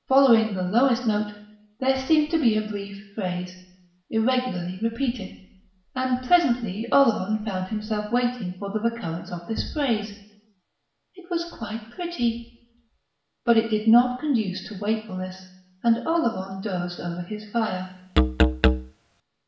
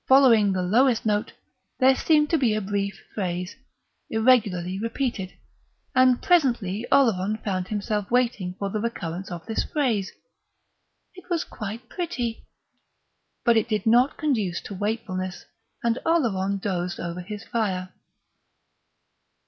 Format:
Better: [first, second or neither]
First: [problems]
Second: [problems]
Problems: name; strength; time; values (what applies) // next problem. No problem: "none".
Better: second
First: background sound (Musical instrument); 2 dB above the speech // room echo; dies away in 0.7 s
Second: none